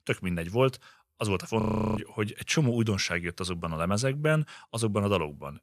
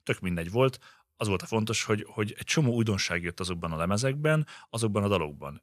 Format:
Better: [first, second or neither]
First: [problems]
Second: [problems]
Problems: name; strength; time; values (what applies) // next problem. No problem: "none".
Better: second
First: audio freezing; at 1.5 s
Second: none